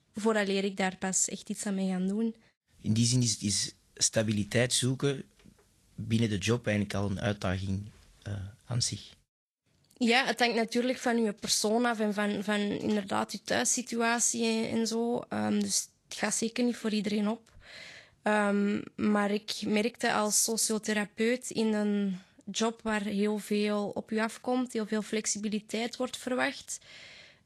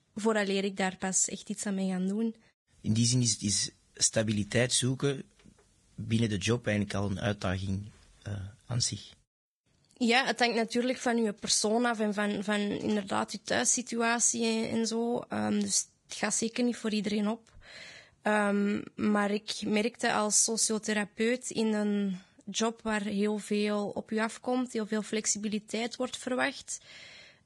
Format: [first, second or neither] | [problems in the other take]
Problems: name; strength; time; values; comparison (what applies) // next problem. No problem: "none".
first | garbled, watery; badly; nothing above 10 kHz; slightly in the first